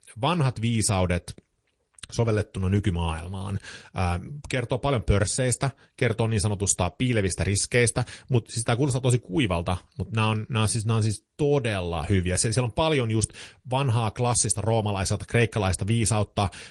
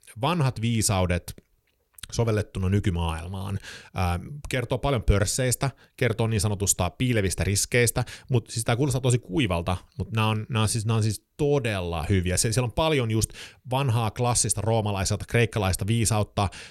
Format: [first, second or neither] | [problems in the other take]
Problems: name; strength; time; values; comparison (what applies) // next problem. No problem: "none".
second | garbled, watery; slightly; nothing above 10.5 kHz